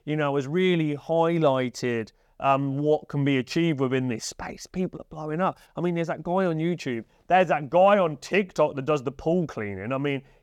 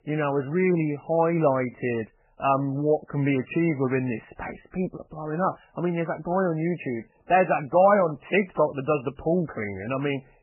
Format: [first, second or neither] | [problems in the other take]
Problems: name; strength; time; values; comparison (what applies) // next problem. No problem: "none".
first | garbled, watery; badly; nothing above 3 kHz